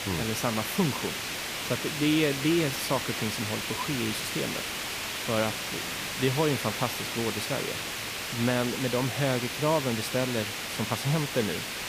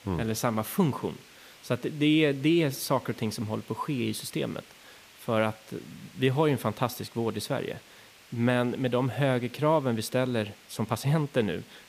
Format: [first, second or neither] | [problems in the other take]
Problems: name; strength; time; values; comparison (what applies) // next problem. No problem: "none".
second | hiss; loud; throughout; 2 dB below the speech; faint in the second